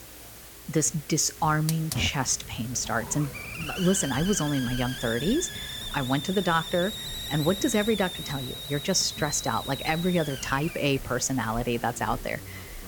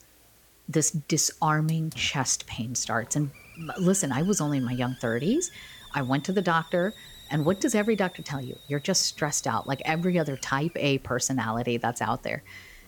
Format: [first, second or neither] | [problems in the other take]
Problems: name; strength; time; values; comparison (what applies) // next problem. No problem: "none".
second | hiss; loud; throughout; 8 dB below the speech; faint in the second